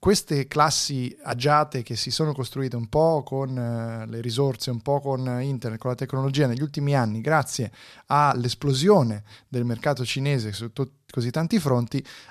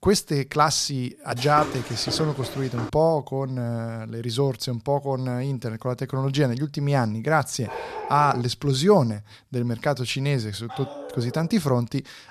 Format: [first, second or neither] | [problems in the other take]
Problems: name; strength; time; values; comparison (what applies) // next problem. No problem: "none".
first | footsteps; noticeable; from 1.5 to 3 s; peak 7 dB below the speech // dog barking; noticeable; at 7.5 s; peak 8 dB below the speech // dog barking; faint; at 11 s; peak 10 dB below the speech